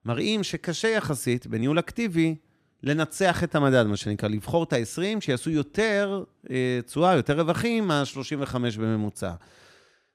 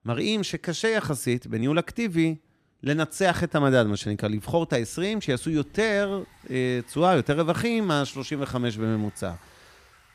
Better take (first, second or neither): first